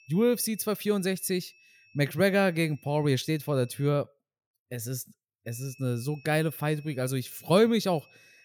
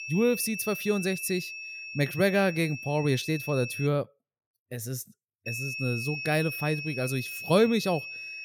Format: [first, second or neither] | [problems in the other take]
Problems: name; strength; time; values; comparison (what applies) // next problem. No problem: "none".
first | high-pitched whine; loud; until 4 s and from 5.5 s on; 2.5 kHz, 8 dB below the speech; faint in the first